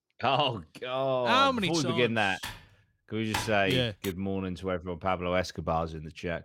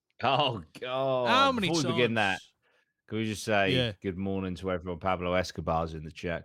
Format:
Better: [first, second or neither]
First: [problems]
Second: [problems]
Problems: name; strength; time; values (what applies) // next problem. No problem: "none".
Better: second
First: keyboard typing; noticeable; from 2.5 to 4 s; peak 6 dB below the speech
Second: none